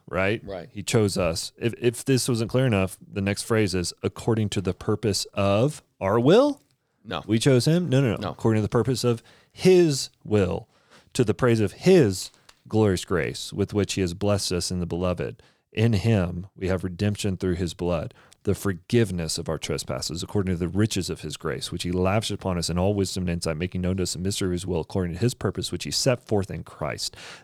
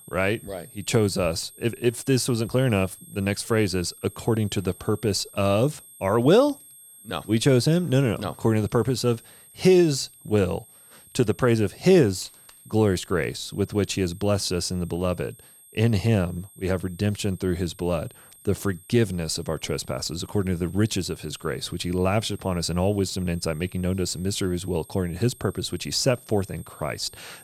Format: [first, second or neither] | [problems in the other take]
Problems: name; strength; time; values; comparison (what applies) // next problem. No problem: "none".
first | high-pitched whine; faint; throughout; 8.5 kHz, 20 dB below the speech